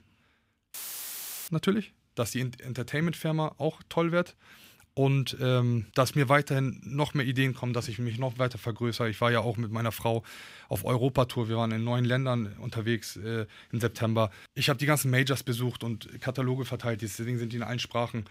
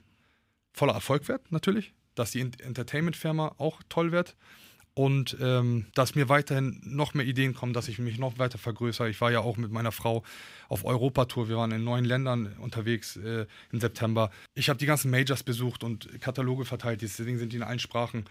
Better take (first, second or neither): second